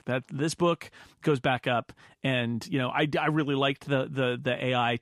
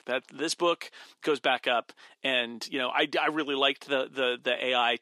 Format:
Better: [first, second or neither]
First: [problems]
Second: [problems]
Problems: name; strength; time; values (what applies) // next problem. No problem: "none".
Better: first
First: none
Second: thin; somewhat; fading below 350 Hz